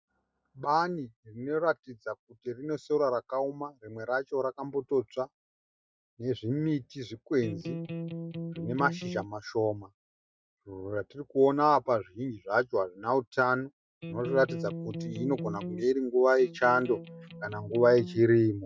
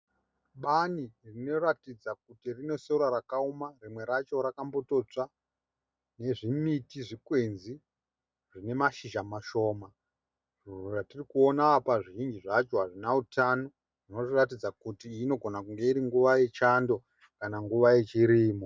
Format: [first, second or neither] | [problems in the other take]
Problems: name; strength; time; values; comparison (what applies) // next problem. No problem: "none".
second | noise reduction (classical method Wiener filter)